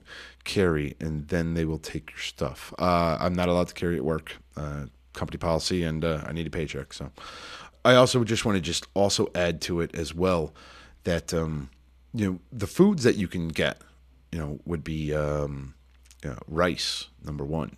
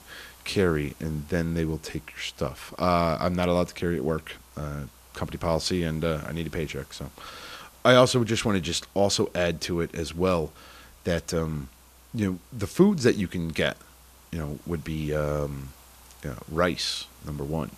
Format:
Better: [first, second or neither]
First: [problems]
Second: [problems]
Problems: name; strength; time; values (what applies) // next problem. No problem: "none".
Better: first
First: none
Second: hiss; faint; throughout; 25 dB below the speech